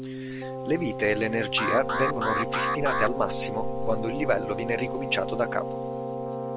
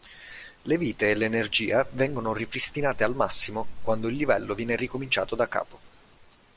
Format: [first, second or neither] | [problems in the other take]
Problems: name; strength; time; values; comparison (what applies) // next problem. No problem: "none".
second | background sound (Alarm + Keyboard (musical)); 2 dB below the speech